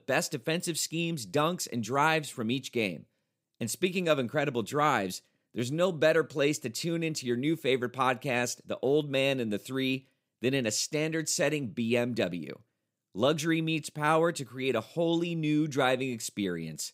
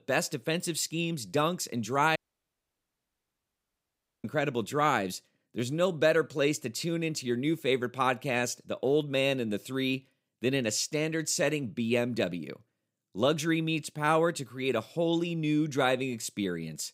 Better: first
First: none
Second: audio cutting out; at 2 s for 2 s

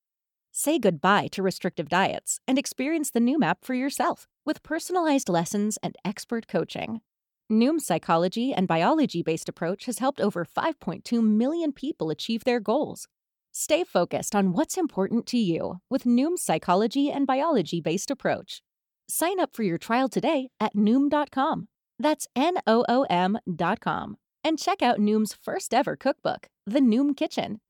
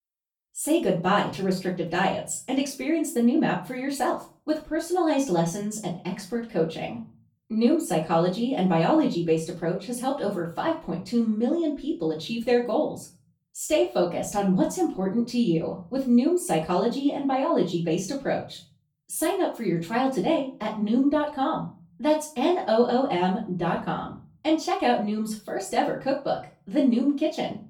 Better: first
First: none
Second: off-mic speech; far // room echo; slight; dies away in 0.3 s

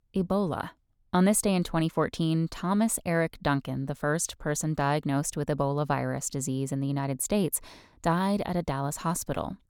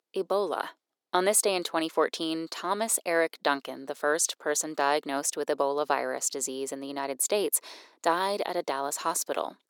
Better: first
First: none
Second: thin; very; fading below 350 Hz

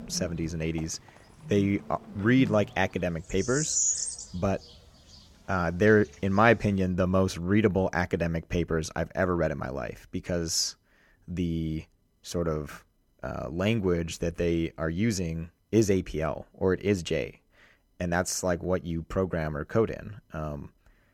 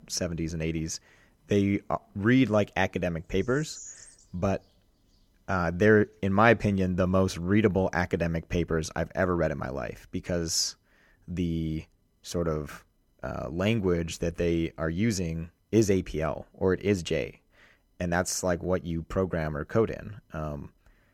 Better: second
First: animal sounds; loud; until 7 s; 3 dB below the speech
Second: animal sounds; faint; until 7 s; 20 dB below the speech

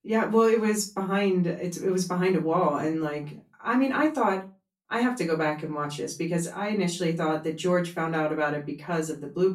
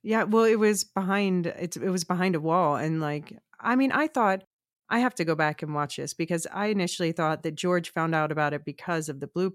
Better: second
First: off-mic speech; far // room echo; very slight; dies away in 0.3 s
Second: none

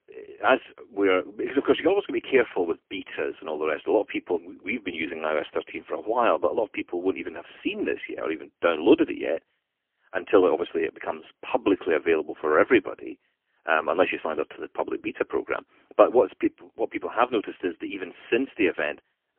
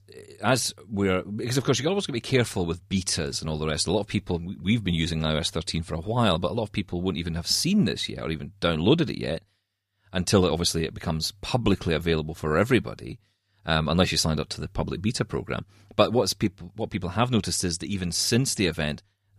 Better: second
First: phone-call audio; poor line; nothing above 3 kHz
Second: none

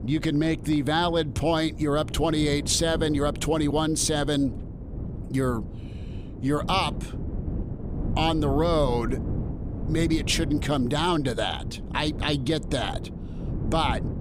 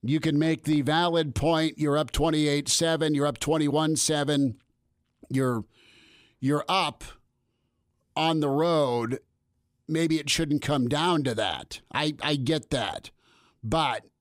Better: second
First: wind noise on the microphone; occasional gusts; 15 dB below the speech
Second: none

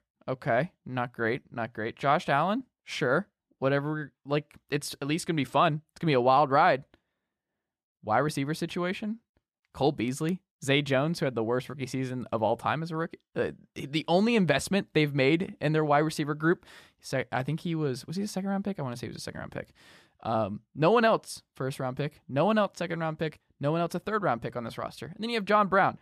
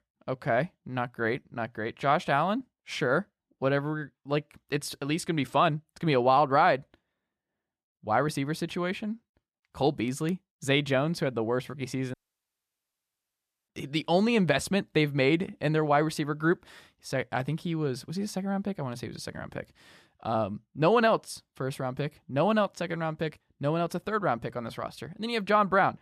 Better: first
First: none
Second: audio cutting out; at 12 s for 1.5 s

